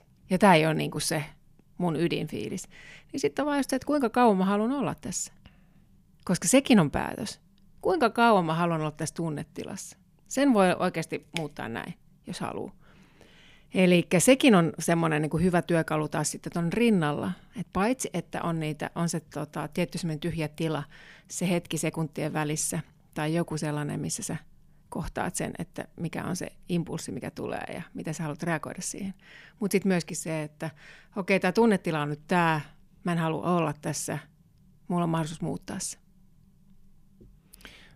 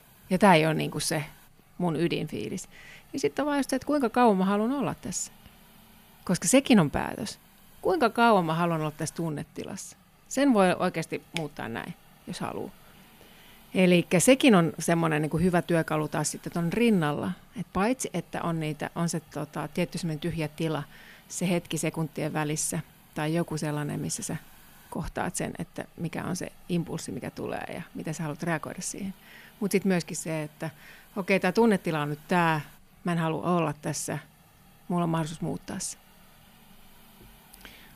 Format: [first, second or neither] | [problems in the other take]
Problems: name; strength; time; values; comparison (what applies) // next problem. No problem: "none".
first | hiss; faint; throughout; 30 dB below the speech